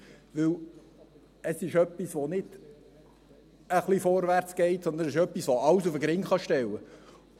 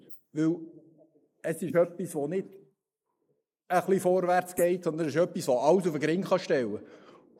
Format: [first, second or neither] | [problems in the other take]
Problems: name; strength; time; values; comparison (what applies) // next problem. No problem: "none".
first | noise reduction (neural mask model Resemble Enhance denoiser)